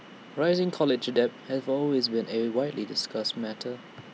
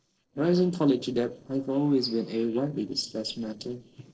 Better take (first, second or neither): first